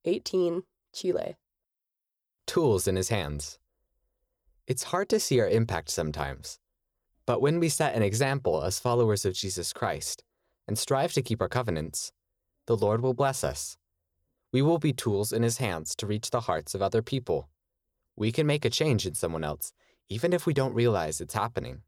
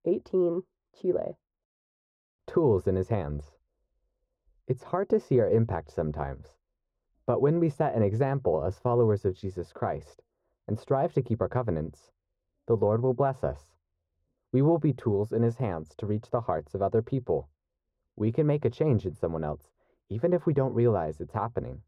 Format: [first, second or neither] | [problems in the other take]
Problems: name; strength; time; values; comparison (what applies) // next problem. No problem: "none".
first | muffled; very; fading above 2.5 kHz